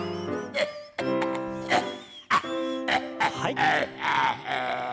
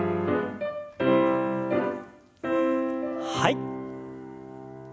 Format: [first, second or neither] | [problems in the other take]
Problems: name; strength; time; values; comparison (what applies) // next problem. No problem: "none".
second | background sound (Cough); 4 dB above the speech